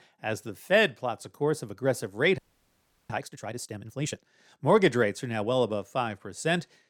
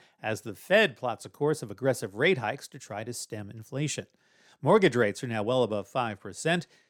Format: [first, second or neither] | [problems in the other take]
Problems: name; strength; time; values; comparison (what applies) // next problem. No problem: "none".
second | audio freezing; at 2.5 s for 0.5 s